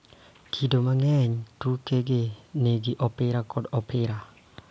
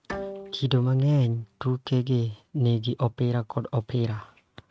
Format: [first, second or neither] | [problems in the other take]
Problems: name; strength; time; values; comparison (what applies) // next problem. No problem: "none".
first | noise reduction (neural mask model RNNoise)